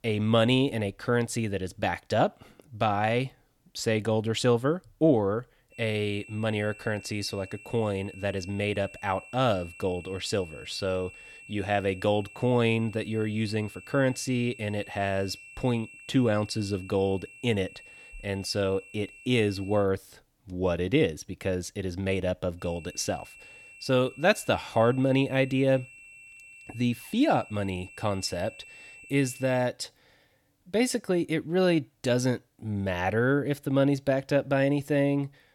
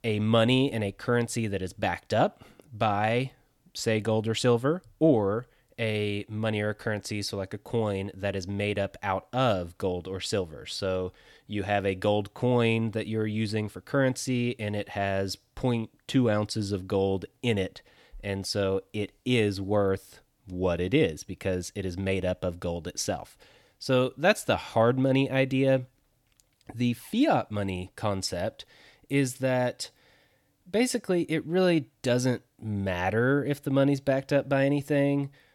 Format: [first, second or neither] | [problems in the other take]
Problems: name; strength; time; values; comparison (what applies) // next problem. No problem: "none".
second | high-pitched whine; noticeable; from 5.5 to 20 s and from 23 to 30 s; 2.5 kHz, 20 dB below the speech